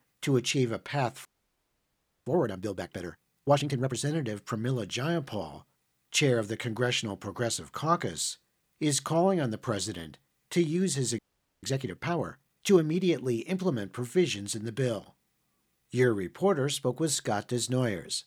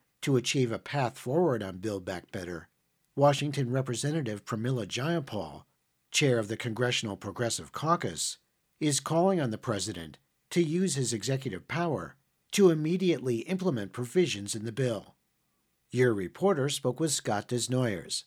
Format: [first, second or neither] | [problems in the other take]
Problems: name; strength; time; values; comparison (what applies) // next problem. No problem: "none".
second | audio freezing; at 1.5 s for 1 s and at 11 s